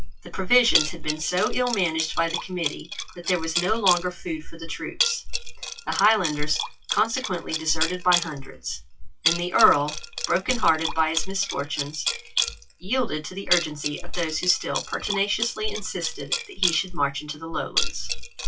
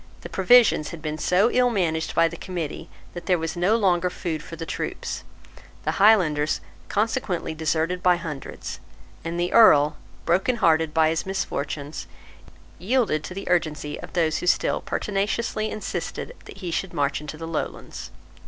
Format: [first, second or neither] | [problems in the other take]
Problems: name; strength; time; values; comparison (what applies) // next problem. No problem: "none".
second | noise reduction (classical method WPE with log-MMSE)